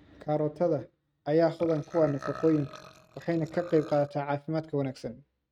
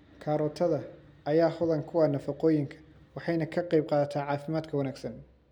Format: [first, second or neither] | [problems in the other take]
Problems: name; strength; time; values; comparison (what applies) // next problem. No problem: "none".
second | noise reduction (neural mask model RNNoise)